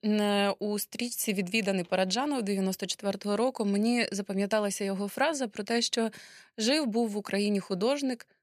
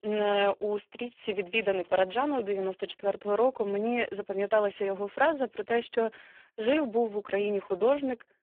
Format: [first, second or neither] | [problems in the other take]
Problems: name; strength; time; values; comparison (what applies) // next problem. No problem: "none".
first | phone-call audio; poor line